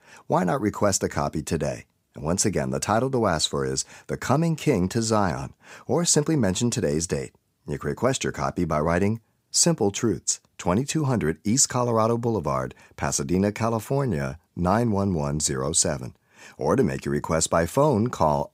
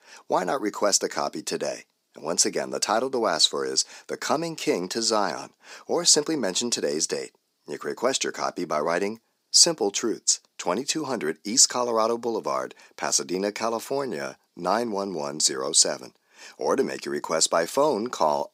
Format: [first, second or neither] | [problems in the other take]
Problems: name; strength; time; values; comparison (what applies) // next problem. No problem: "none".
first | thin; somewhat; fading below 300 Hz